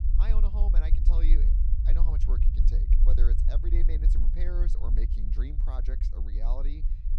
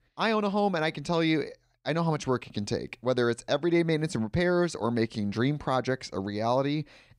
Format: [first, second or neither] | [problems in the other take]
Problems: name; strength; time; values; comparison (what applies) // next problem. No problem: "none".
second | low rumble; loud; throughout; 3 dB below the speech